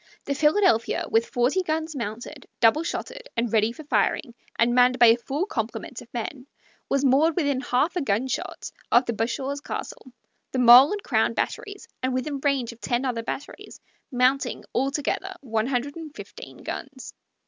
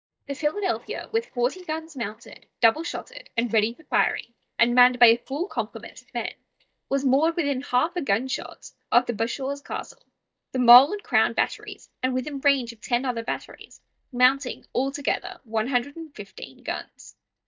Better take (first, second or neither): first